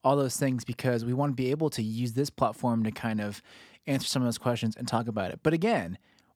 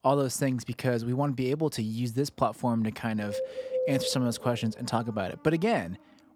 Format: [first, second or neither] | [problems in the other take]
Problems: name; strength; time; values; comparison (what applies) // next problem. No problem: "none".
first | animal sounds; loud; throughout; 6 dB below the speech